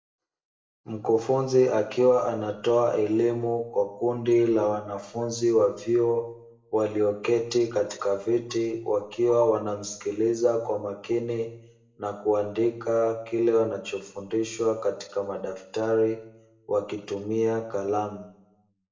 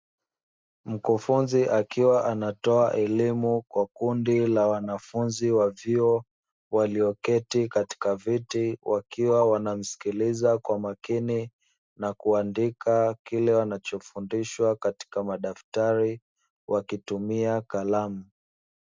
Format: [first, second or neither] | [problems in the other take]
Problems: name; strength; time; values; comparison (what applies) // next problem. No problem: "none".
second | room echo; dies away in 0.6 s